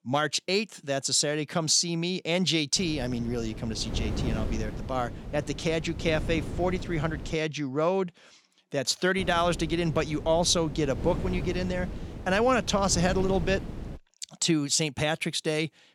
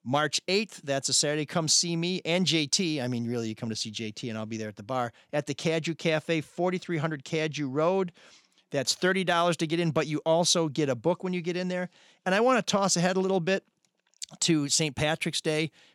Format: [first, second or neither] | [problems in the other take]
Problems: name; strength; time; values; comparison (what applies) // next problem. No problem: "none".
second | wind noise on the microphone; occasional gusts; from 3 to 7.5 s and from 9 to 14 s; 15 dB below the speech